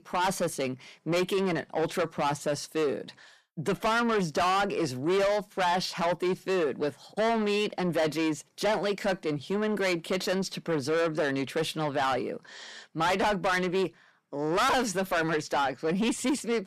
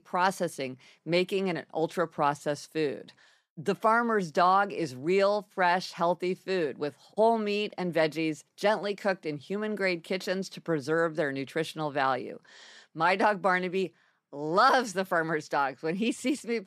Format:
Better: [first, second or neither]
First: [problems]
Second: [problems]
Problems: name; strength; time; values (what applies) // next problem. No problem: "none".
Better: second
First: distortion; heavy; 6 dB below the speech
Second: none